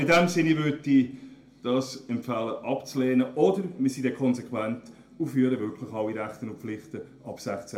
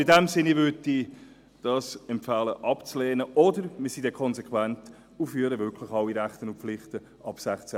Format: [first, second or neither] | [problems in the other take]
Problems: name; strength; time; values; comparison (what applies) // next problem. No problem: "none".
second | room echo; dies away in 0.3 s